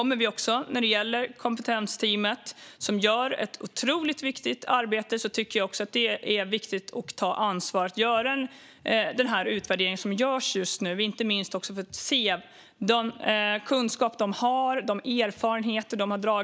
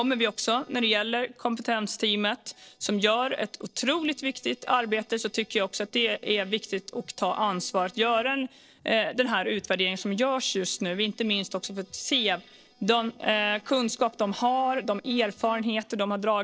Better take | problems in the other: first | noise reduction (neural separator model SepFormer DNS4)

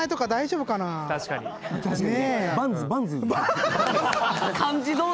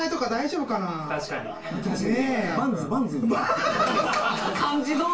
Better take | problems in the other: first | room echo; dies away in 0.3 s

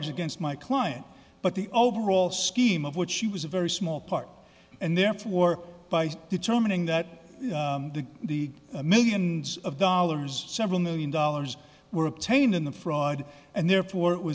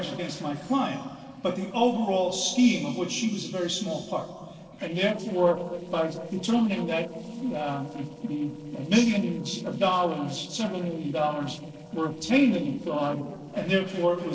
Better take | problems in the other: first | noise reduction (neural separator model SepFormer DNS4)

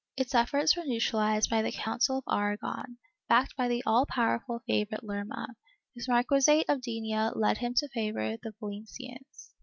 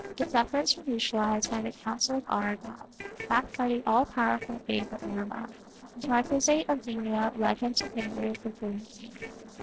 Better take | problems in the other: first | noise reduction (neural separator model SepFormer DNS4)

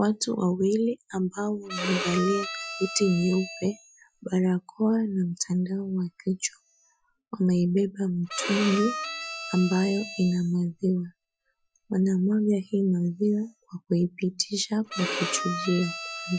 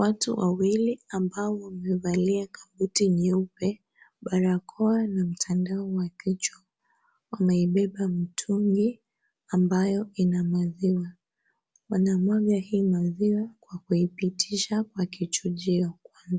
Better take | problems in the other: second | noise reduction (classical method Wiener filter)

